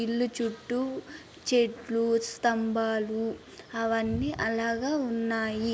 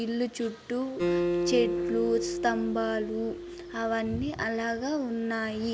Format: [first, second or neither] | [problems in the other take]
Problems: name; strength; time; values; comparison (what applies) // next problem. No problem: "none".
first | background sound (Acoustic guitar); 3 dB below the speech